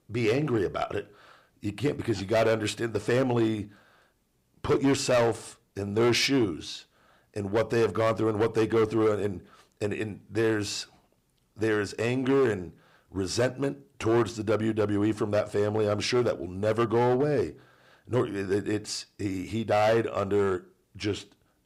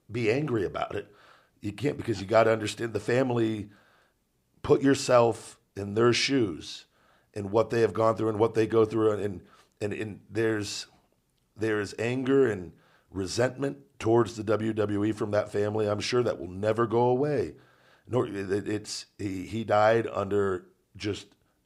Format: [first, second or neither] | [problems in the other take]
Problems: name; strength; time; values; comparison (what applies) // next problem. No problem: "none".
second | distortion; slight; 5% of the sound clipped